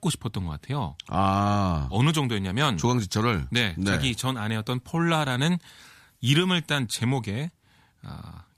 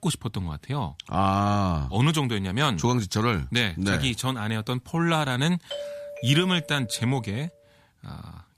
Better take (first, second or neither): first